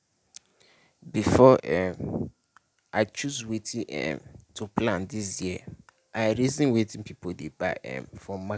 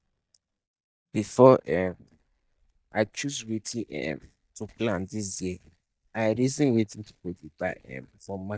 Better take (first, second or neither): first